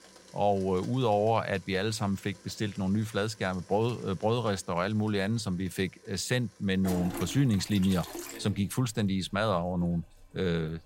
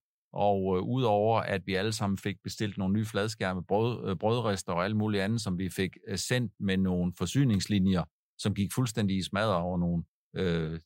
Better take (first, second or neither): second